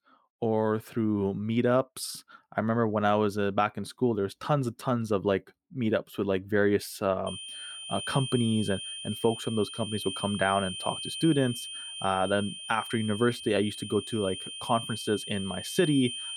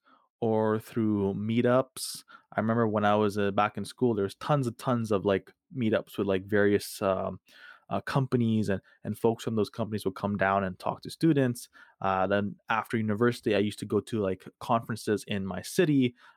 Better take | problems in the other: second | high-pitched whine; loud; from 7.5 s on; 3 kHz, 8 dB below the speech

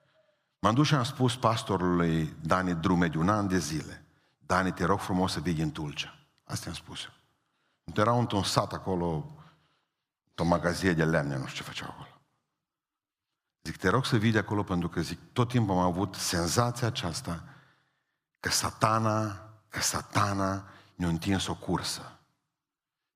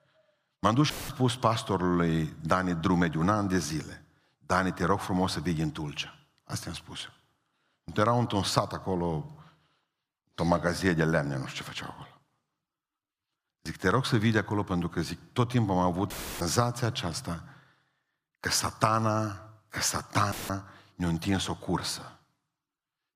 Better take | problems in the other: first | audio cutting out; filled with static; at 1 s, at 16 s and at 20 s

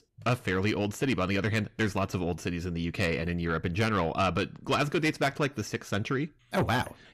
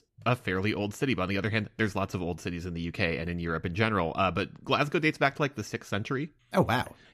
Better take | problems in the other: second | distortion; slight; 10 dB below the speech

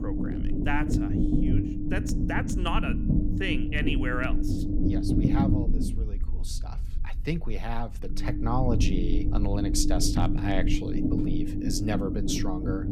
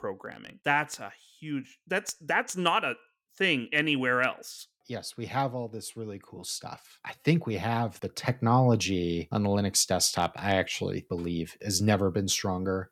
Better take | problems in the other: second | low rumble; loud; throughout; 2 dB below the speech

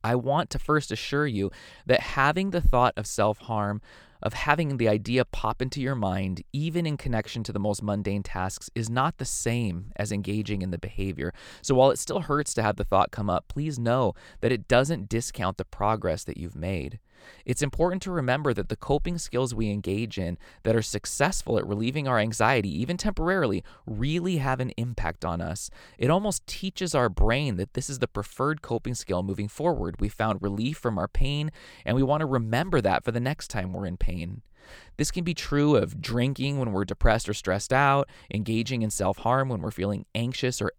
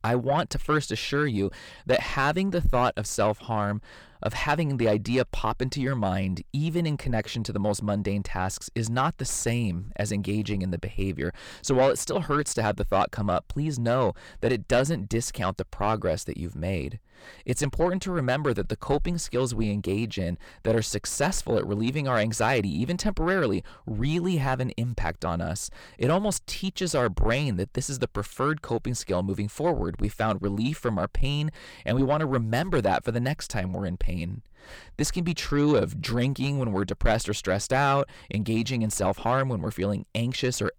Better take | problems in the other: first | distortion; slight; 10 dB below the speech

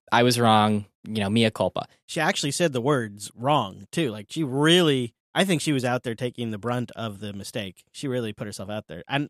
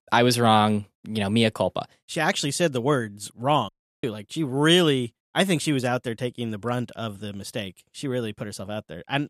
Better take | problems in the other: first | audio cutting out; at 3.5 s

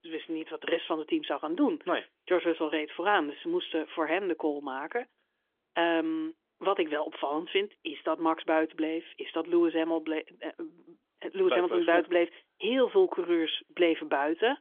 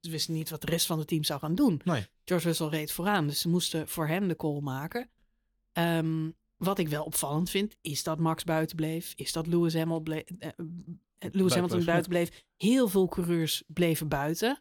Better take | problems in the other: second | phone-call audio; nothing above 3.5 kHz

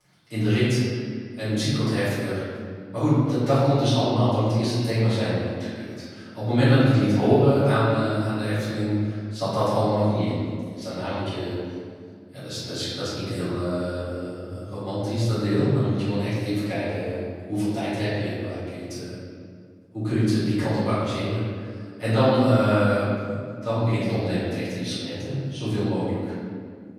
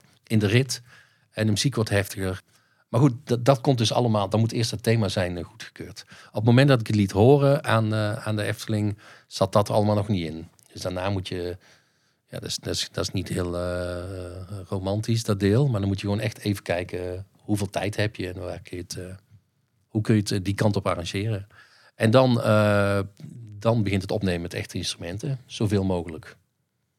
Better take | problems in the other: second | room echo; strong; dies away in 1.9 s // off-mic speech; far

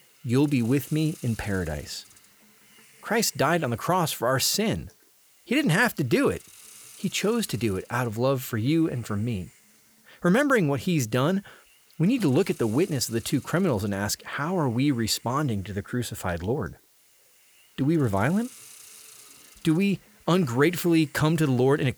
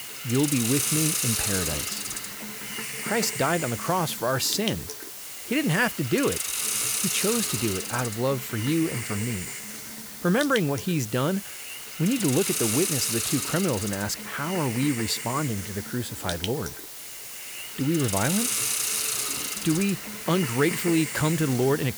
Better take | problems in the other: first | hiss; loud; throughout; 2 dB below the speech; faint in the first

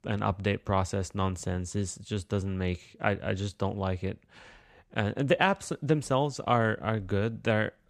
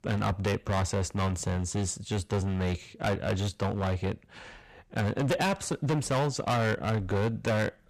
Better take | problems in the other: first | distortion; heavy; 15% of the sound clipped

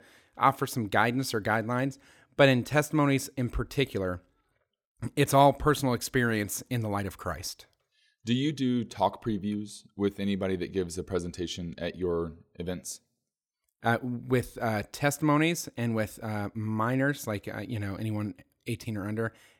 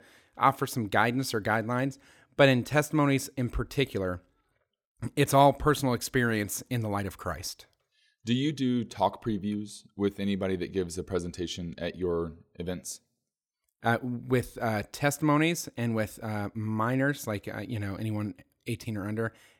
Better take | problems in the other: neither | none

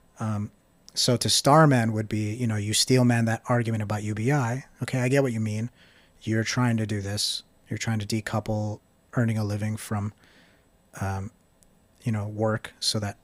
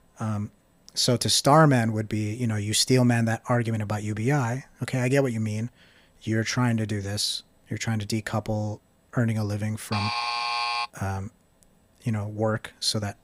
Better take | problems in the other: first | alarm; noticeable; at 10 s; peak level with the speech

